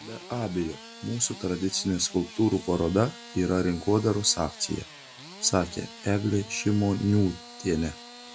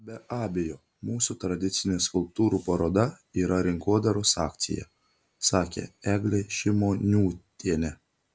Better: second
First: background sound (Engine starting / Sawing); 17 dB below the speech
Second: none

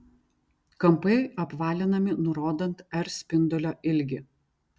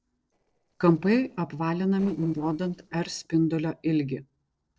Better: first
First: none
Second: noise reduction (neural separator model SepFormer DNS4)

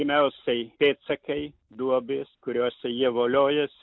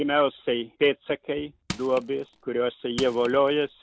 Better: first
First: none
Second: background sound (Crushing); 13 dB below the speech

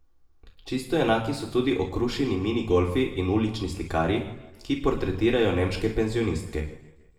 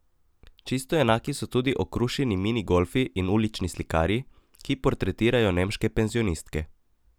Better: second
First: room echo; dies away in 0.8 s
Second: none

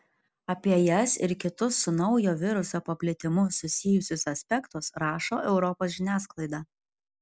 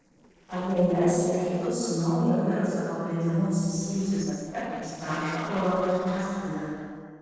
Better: first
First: none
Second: noise reduction (neural separator model SepFormer DNS4)

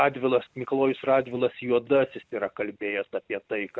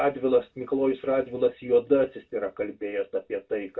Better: first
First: none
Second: room echo; dies away in 0.2 s

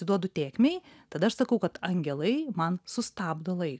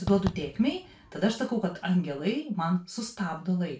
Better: first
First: none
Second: background sound (Fireworks); 11 dB below the speech // room echo; dies away in 0.3 s

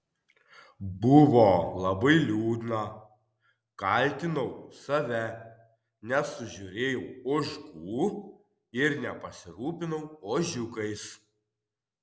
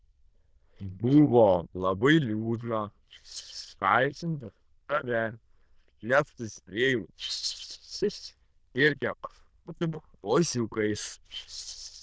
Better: first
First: none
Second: noise reduction (neural diffusion model UNIVERSE++)

